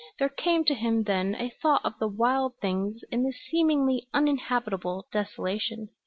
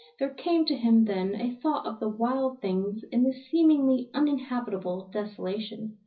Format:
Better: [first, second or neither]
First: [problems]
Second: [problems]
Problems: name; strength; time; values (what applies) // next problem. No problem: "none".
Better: first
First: none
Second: room echo; dies away in 0.4 s